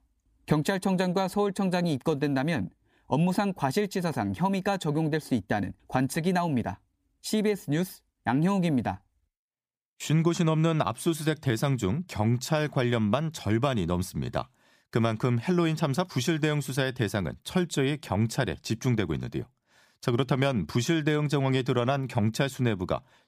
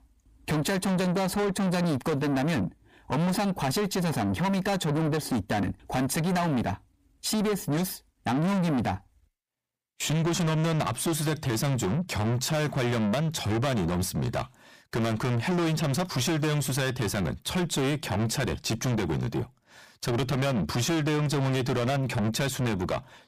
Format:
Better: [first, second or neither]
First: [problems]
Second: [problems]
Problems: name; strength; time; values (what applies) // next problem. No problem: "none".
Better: first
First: none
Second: distortion; heavy; 6 dB below the speech